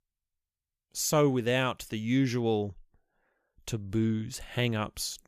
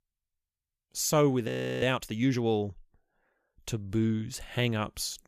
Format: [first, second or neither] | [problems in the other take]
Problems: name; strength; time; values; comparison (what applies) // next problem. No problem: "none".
first | audio freezing; at 1.5 s